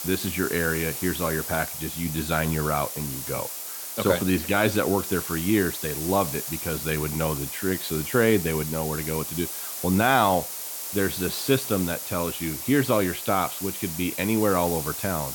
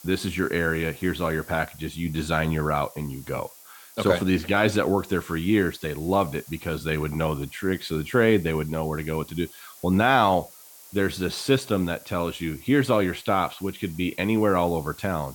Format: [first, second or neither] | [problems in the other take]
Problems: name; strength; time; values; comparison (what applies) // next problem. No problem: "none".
second | hiss; loud; throughout; 5 dB below the speech; faint in the second